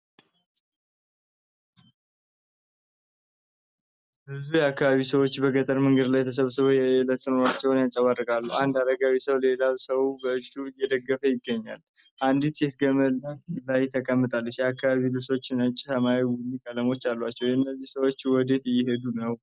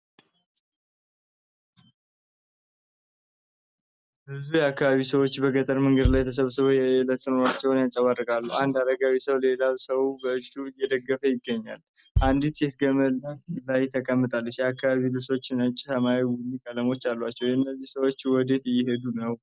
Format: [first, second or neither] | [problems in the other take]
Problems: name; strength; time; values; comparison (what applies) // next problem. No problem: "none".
first | background sound (Bass drum); 6 dB below the speech